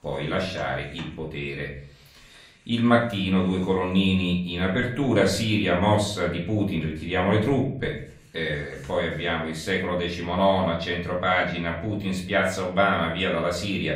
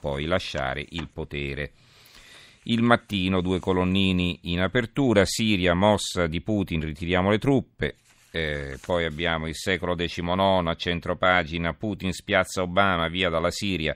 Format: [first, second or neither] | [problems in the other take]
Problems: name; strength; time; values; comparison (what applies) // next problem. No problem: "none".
second | off-mic speech; far // room echo; slight; dies away in 0.5 s